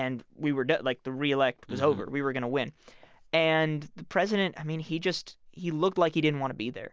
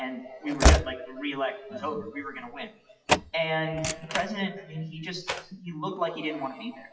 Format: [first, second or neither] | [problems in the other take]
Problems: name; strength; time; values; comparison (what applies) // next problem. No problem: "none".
first | noise reduction (classical method WPE with log-MMSE)